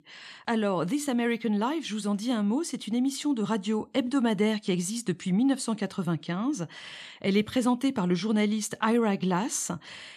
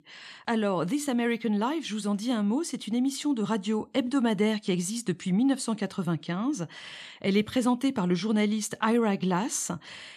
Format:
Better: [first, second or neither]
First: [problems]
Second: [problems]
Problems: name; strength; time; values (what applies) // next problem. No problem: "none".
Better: neither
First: none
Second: none